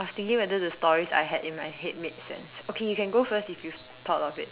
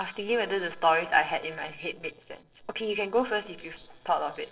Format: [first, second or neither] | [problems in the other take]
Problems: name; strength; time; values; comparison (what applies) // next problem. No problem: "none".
first | noise reduction (neural separator model SepFormer DNS4)